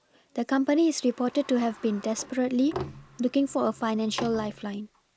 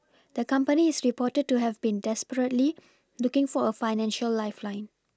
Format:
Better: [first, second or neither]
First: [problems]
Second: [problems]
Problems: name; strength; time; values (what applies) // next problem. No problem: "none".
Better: second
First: background sound (Sliding door); 16 dB below the speech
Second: none